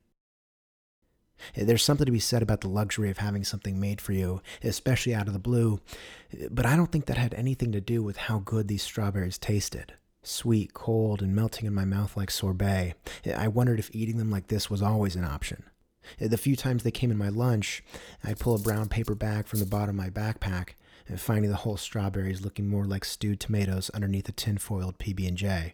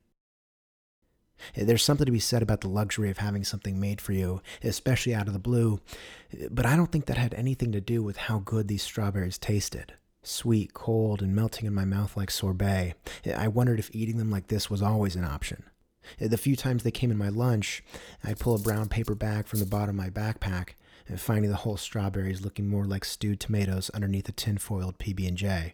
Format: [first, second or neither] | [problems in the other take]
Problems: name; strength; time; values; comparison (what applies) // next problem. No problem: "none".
neither | clattering dishes; noticeable; from 18 to 20 s; peak 9 dB below the speech; the same in both